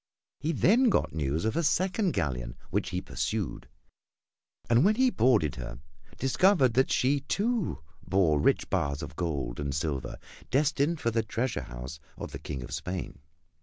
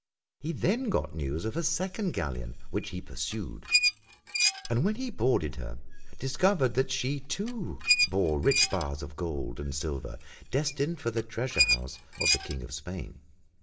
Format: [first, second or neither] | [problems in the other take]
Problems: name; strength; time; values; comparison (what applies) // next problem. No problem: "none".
first | background sound (Squeak); 2 dB below the speech // room echo; dies away in 0.2 s